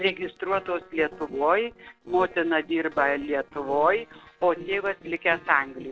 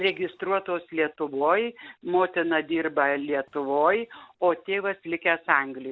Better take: second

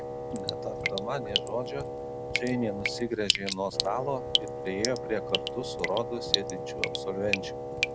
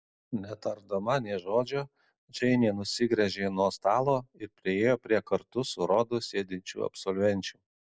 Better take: second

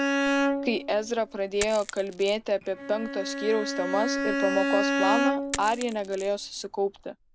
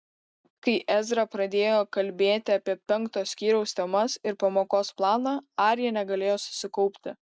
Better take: second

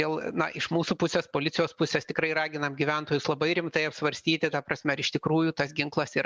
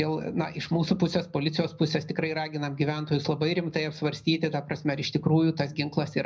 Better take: first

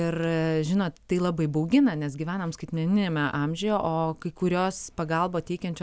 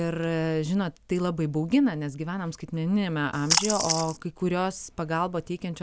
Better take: first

